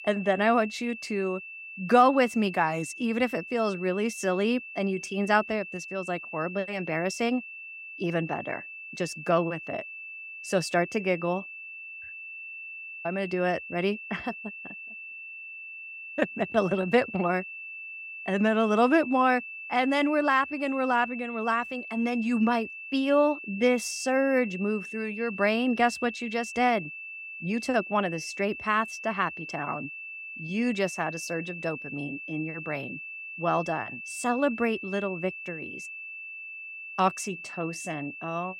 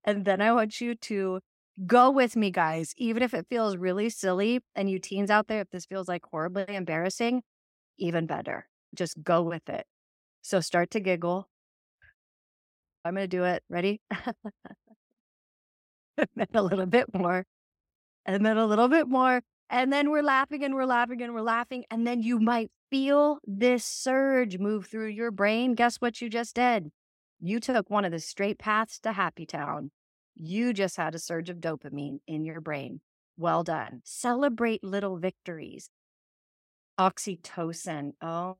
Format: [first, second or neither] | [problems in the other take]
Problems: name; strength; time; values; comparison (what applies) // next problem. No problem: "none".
second | high-pitched whine; noticeable; throughout; 2.5 kHz, 10 dB below the speech